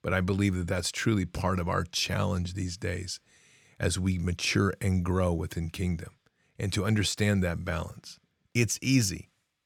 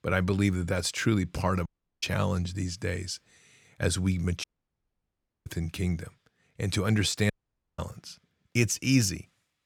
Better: first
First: none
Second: audio cutting out; at 1.5 s, at 4.5 s for 1 s and at 7.5 s

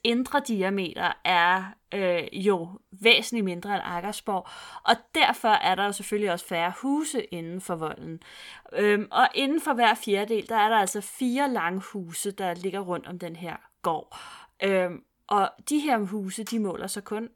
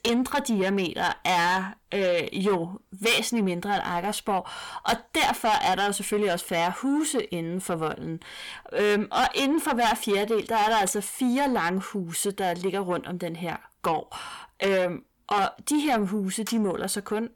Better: first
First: none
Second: distortion; heavy; 8 dB below the speech

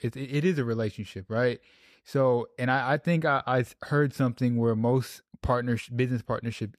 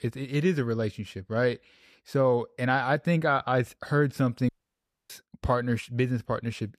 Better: first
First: none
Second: audio cutting out; at 4.5 s for 0.5 s

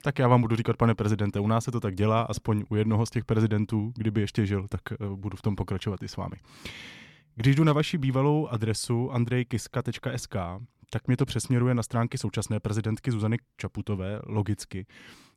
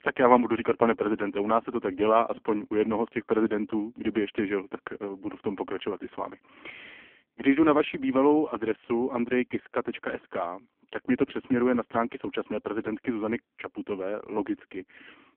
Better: first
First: none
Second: phone-call audio; poor line; nothing above 3 kHz

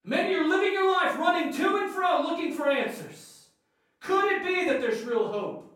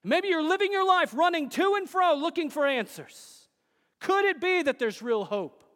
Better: second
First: off-mic speech; far // room echo; noticeable; dies away in 0.5 s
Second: none

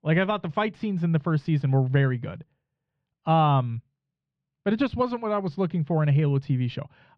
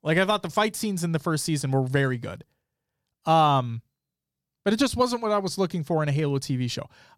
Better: second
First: muffled; very; fading above 3 kHz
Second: none

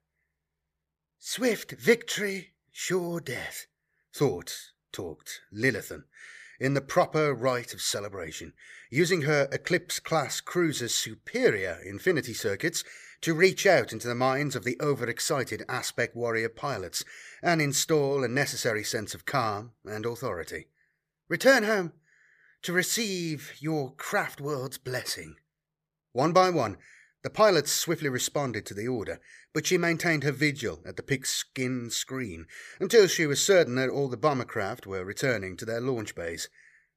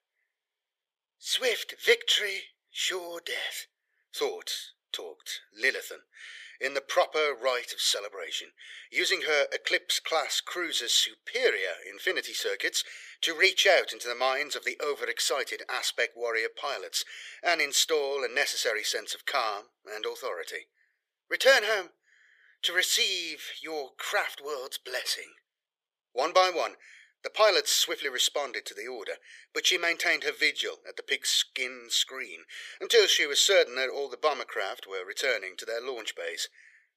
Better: first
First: none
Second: thin; very; fading below 450 Hz

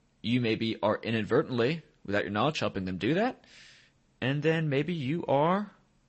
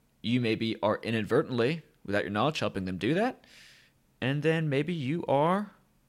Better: second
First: garbled, watery; slightly; nothing above 8 kHz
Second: none

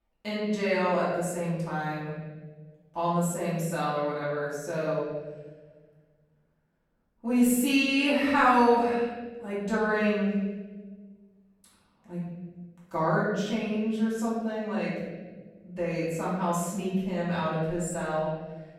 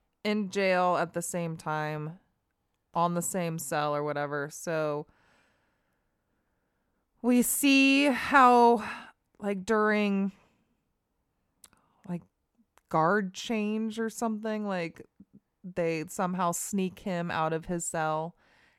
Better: second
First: off-mic speech; far // room echo; noticeable; dies away in 1.4 s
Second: none

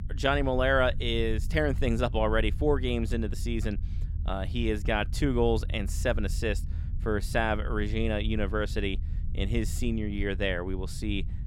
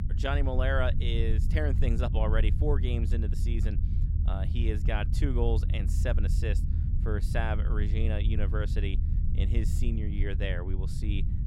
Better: first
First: low rumble; faint; throughout; 20 dB below the speech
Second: low rumble; loud; throughout; 9 dB below the speech

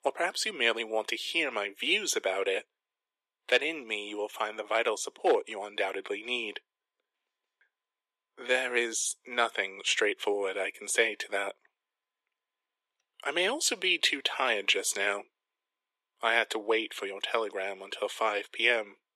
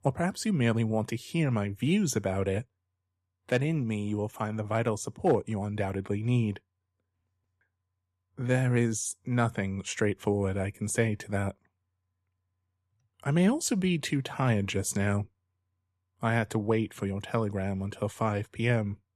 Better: second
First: thin; very; fading below 350 Hz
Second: none

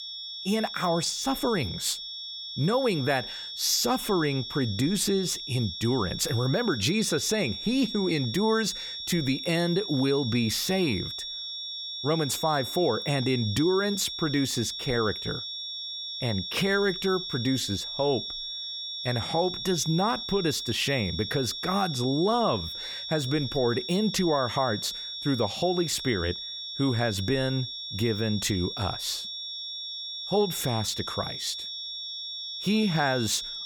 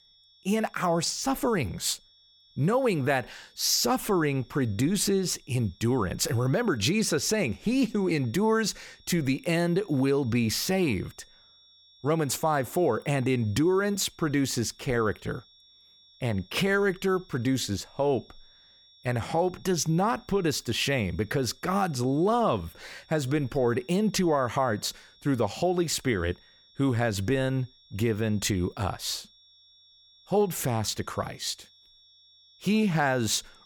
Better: second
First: high-pitched whine; loud; throughout; 3.5 kHz, 6 dB below the speech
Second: high-pitched whine; faint; throughout; 3.5 kHz, 30 dB below the speech

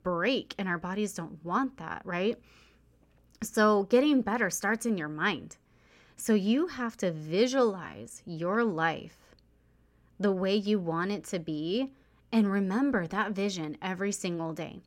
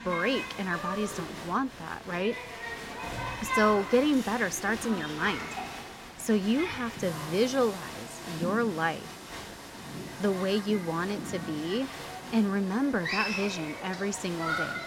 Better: first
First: none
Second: crowd noise; loud; throughout; 7 dB below the speech

